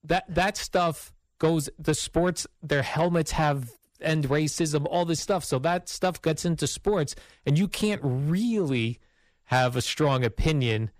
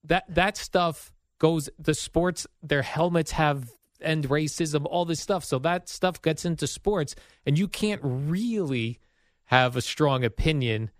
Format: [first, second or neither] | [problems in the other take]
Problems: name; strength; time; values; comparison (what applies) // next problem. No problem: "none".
second | distortion; slight; 10 dB below the speech